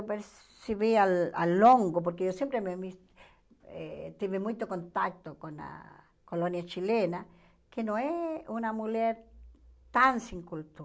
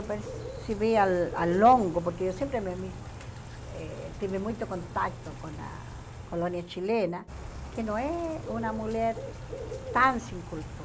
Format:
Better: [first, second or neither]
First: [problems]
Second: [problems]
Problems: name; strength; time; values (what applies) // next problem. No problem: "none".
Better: first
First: none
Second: background sound (Bird / Rain); 10 dB below the speech